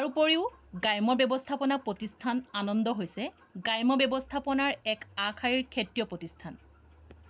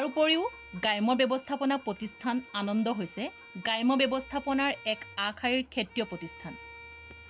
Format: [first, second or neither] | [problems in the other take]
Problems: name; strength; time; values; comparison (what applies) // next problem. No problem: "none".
first | background sound (Bowed string instrument); 20 dB below the speech